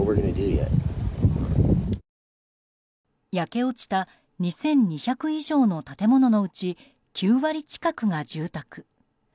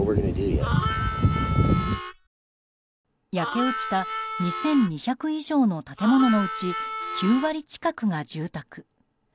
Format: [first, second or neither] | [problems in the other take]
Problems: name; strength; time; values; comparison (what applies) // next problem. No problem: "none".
first | background sound (Harmonica); 6 dB below the speech